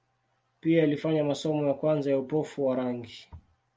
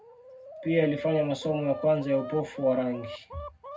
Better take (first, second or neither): first